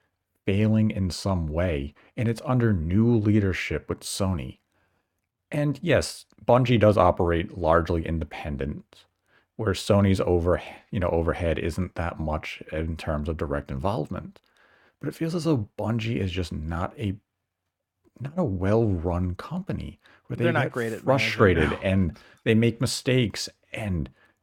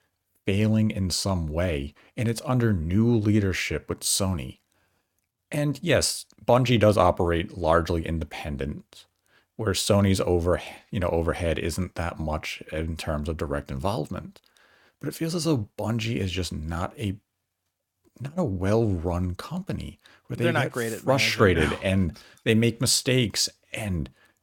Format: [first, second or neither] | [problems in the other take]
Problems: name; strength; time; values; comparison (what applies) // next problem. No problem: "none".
second | muffled; slightly; fading above 3.5 kHz